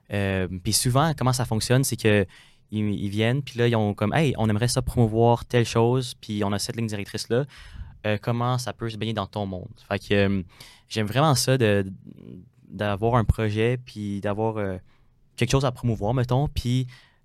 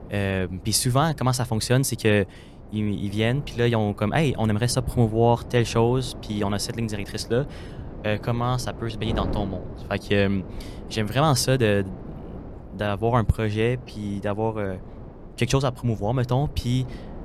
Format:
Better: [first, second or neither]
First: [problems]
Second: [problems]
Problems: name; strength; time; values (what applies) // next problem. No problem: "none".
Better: first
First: none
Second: wind noise on the microphone; occasional gusts; 20 dB below the speech